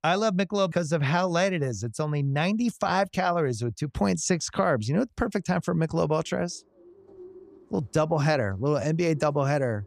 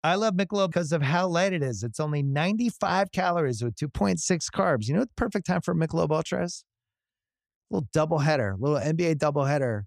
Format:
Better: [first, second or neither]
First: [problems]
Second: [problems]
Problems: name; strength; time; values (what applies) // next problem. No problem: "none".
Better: second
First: animal sounds; faint; throughout; 25 dB below the speech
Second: none